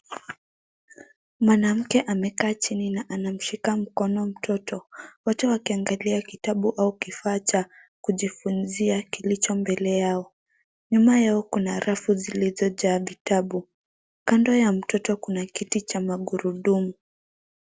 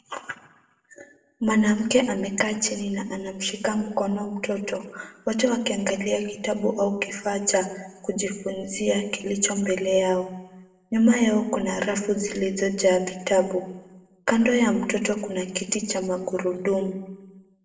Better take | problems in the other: first | room echo; dies away in 0.8 s

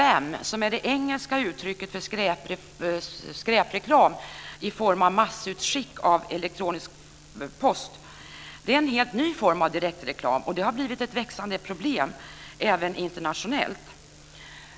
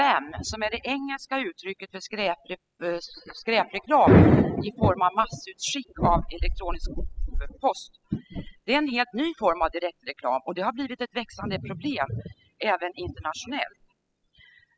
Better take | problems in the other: first | noise reduction (classical method spectral subtraction)

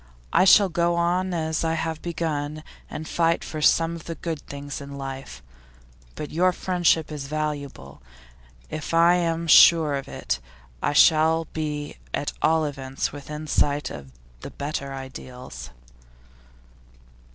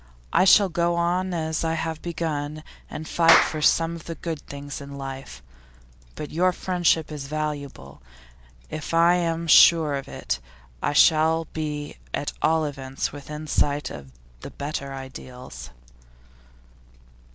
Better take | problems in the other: first | background sound (Clapping); 3 dB below the speech

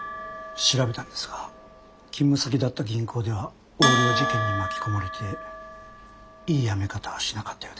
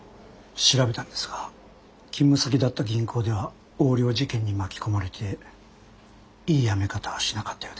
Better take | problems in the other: second | background sound (Bell); 4 dB below the speech

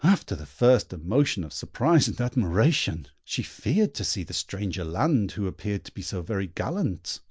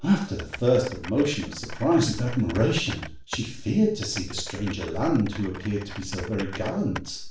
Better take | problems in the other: first | background sound (Typing); 15 dB below the speech // room echo; dies away in 0.4 s

